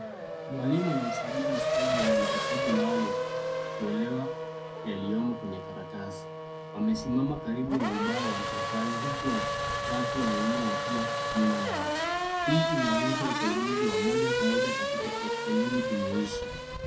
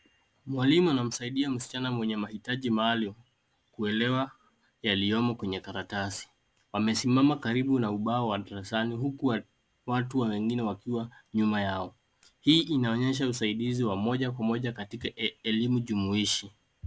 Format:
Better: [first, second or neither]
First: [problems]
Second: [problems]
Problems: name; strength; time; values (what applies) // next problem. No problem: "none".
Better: second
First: background sound (Race car, auto racing / Accelerating, revving, vroom); 1 dB above the speech // room echo; dies away in 0.3 s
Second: none